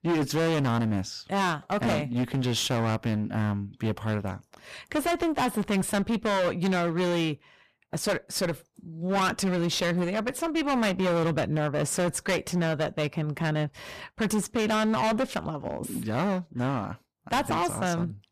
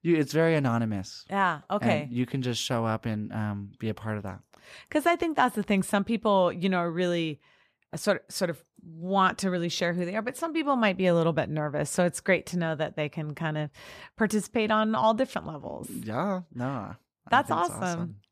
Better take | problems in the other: second | distortion; heavy; 21% of the sound clipped

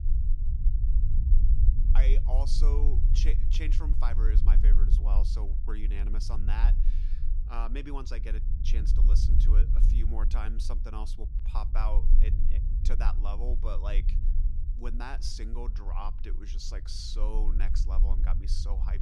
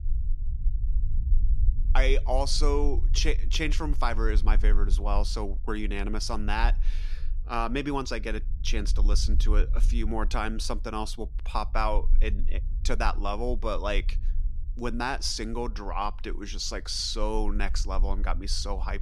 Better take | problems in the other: second | low rumble; loud; throughout; 8 dB below the speech; faint in the second

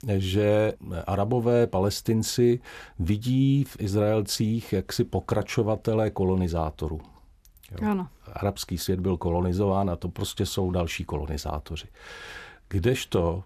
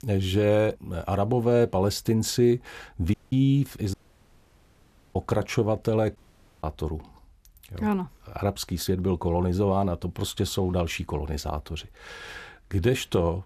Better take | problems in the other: first | audio cutting out; at 3 s, at 4 s for 1 s and at 6 s

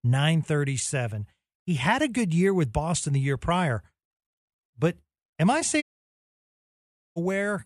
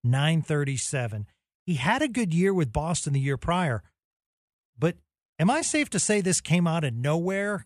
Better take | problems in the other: second | audio cutting out; at 6 s for 1.5 s

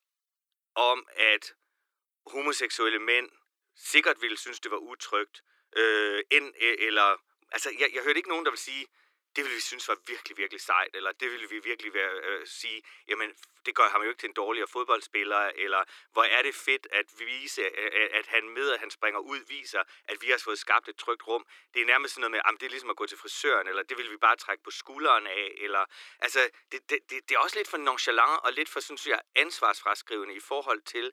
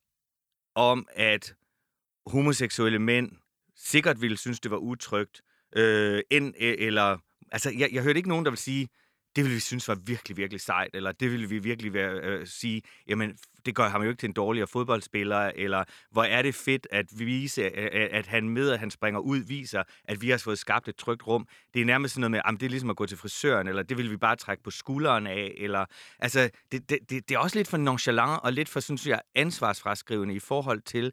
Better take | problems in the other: second | thin; very; fading below 300 Hz

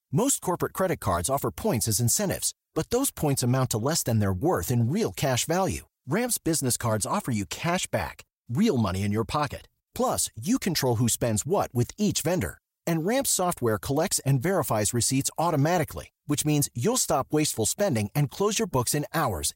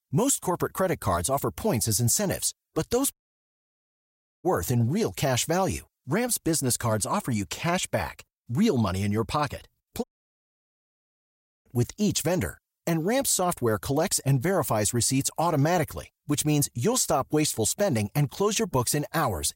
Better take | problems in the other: first | audio cutting out; at 3 s for 1.5 s and at 10 s for 1.5 s

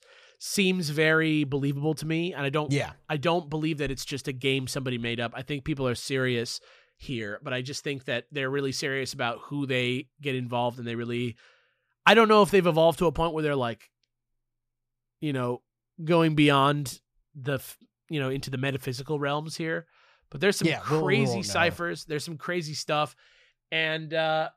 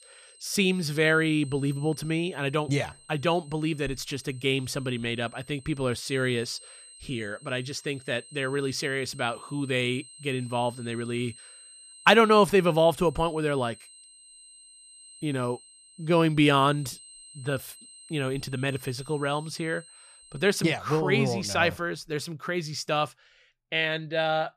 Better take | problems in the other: first | high-pitched whine; faint; until 21 s; 8.5 kHz, 20 dB below the speech

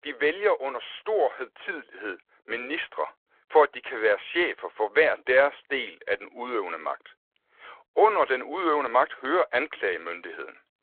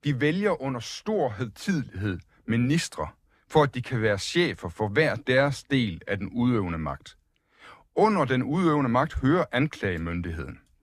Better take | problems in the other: second | phone-call audio

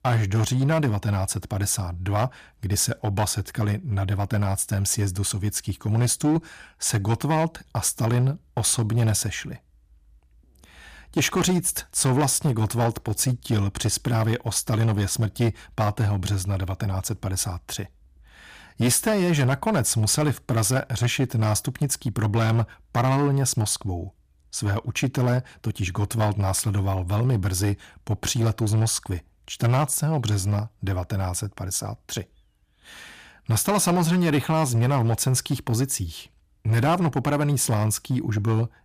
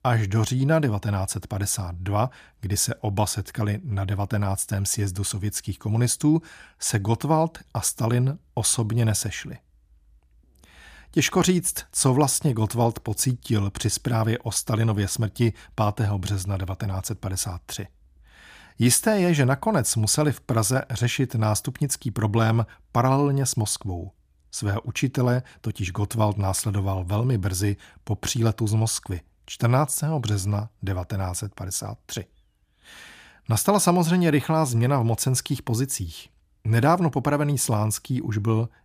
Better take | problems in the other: second | distortion; slight; 8% of the sound clipped

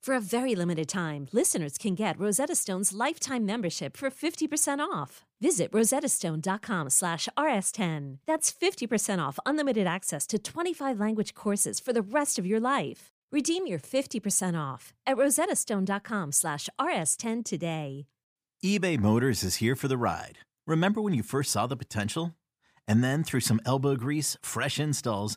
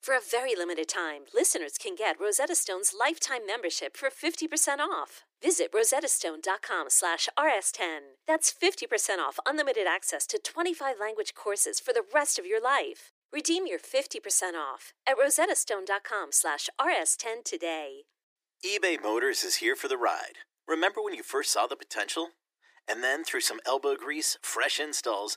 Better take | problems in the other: first | thin; very; fading below 300 Hz

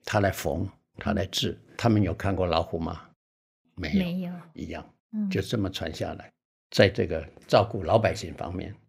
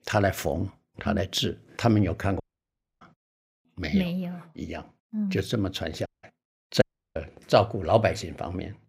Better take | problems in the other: first | audio cutting out; at 2.5 s for 0.5 s, at 6 s and at 7 s

